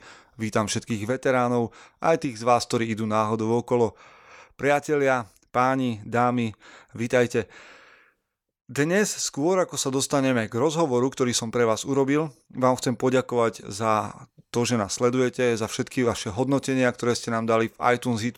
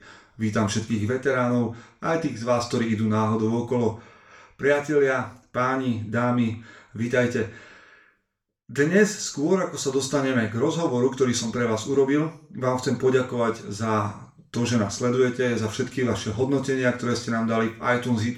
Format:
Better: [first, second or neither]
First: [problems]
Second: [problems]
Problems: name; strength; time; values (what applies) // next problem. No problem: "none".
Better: first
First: none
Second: room echo; slight; dies away in 0.4 s // off-mic speech; far